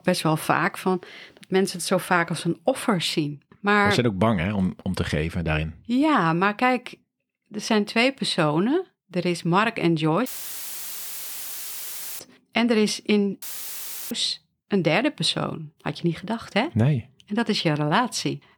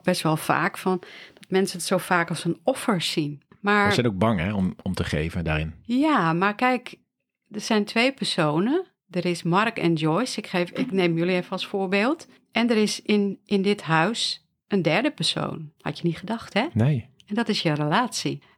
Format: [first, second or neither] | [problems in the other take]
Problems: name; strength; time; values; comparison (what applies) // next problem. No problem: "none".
second | audio cutting out; filled with static; at 10 s for 2 s and at 13 s for 0.5 s